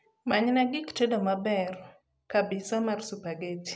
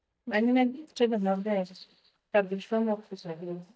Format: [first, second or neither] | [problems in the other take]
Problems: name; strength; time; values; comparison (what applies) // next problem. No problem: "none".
first | noise reduction (neural mask model DeepFilterNet 3)